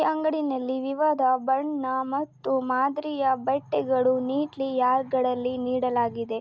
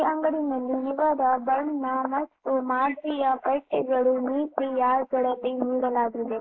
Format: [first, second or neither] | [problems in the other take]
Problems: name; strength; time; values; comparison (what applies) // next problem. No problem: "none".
first | noise reduction (neural mask model Resemble Enhance denoiser)